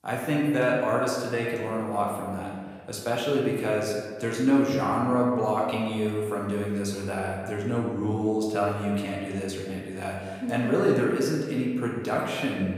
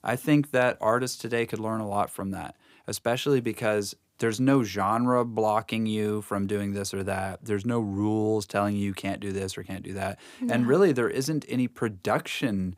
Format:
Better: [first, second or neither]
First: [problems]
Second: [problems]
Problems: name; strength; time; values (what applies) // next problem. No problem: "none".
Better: second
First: room echo; noticeable; dies away in 1.4 s // off-mic speech; far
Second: none